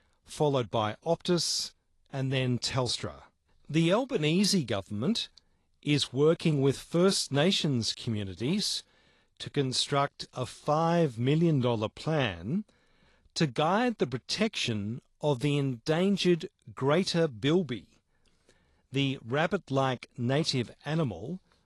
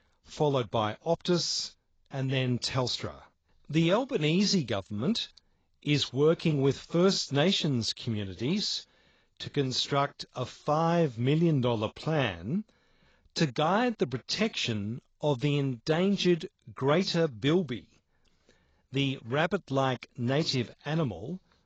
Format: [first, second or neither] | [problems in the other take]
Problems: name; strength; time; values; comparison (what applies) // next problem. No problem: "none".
first | garbled, watery; badly; nothing above 7.5 kHz; slightly in the first